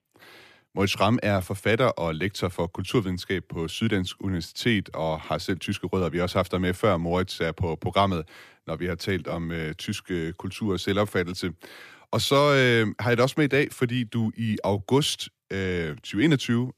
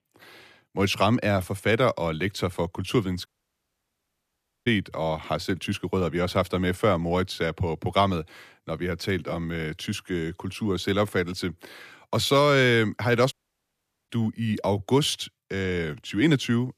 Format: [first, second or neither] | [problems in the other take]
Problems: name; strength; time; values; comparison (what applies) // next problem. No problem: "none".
first | audio cutting out; at 3.5 s for 1.5 s and at 13 s for 1 s